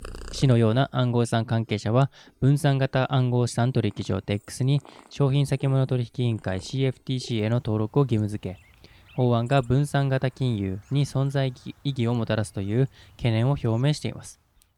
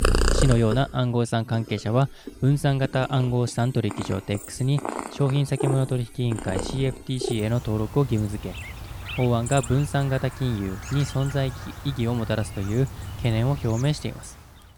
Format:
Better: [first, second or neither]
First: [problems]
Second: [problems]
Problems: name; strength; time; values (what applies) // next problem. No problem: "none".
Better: first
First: animal sounds; faint; throughout; 25 dB below the speech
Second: animal sounds; loud; throughout; 9 dB below the speech